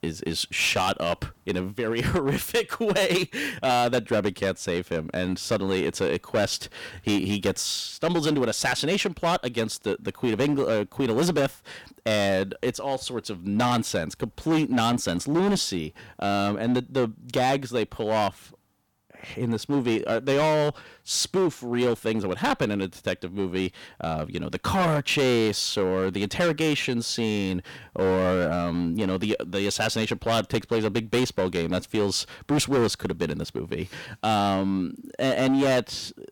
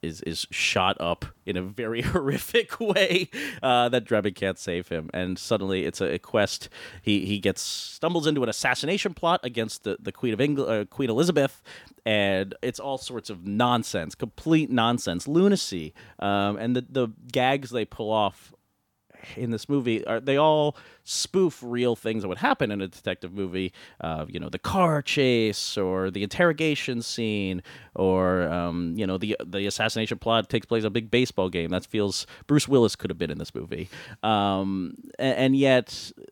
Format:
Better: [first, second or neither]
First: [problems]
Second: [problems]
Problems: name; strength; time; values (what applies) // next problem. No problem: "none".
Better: second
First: distortion; heavy; 10% of the sound clipped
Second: none